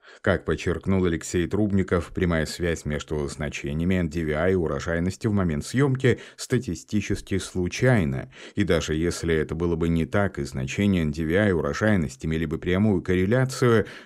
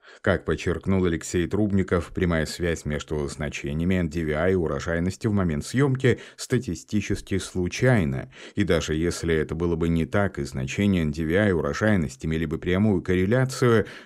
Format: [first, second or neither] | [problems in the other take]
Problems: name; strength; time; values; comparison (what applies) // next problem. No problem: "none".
neither | none